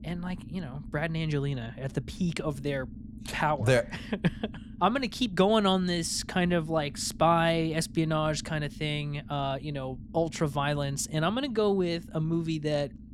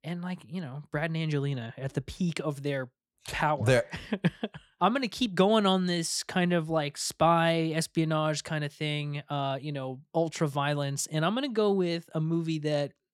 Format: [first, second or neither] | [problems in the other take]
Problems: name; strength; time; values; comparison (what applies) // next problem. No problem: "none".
second | low rumble; faint; throughout; 25 dB below the speech